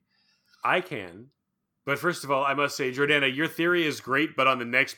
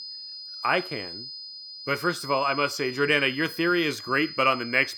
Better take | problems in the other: first | high-pitched whine; noticeable; throughout; 5 kHz, 10 dB below the speech

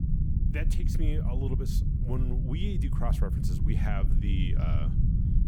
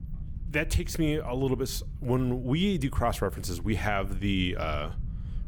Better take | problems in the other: second | low rumble; loud; throughout; 2 dB below the speech; faint in the second

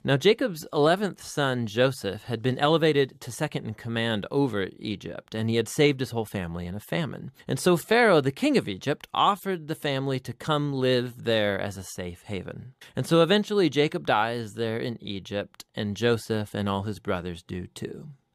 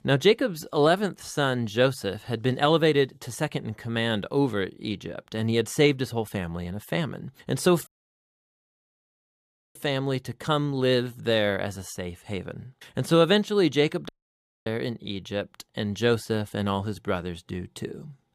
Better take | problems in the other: first | audio cutting out; at 8 s for 2 s and at 14 s for 0.5 s

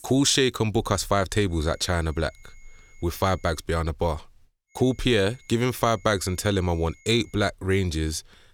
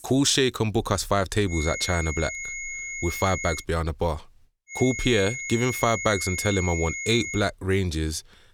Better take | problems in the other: first | high-pitched whine; loud; from 1.5 to 3.5 s and from 4.5 to 7.5 s; 2 kHz, 6 dB below the speech; faint in the first

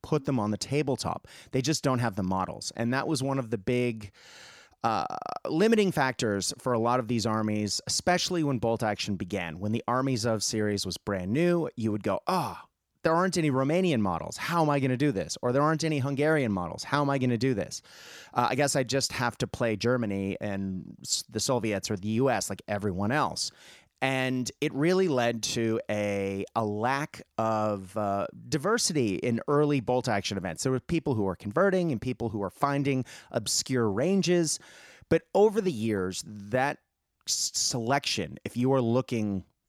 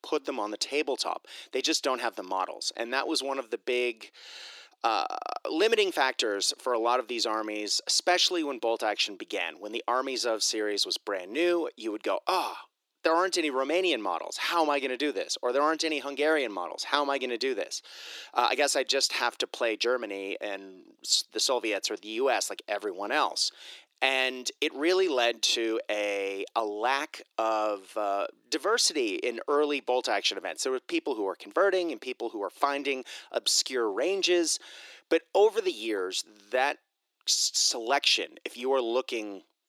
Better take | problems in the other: first | thin; very; fading below 350 Hz

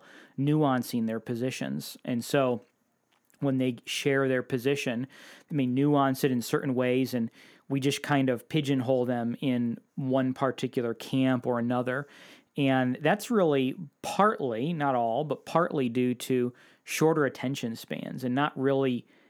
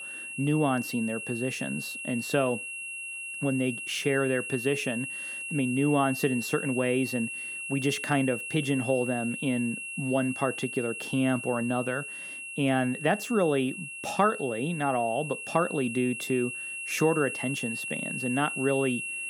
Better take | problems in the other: first | high-pitched whine; loud; throughout; 2.5 kHz, 6 dB below the speech

